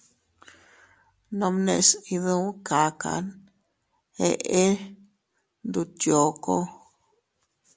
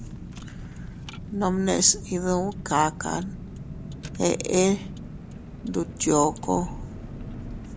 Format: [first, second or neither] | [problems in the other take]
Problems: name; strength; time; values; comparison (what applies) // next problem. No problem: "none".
first | background sound (Car); 10 dB below the speech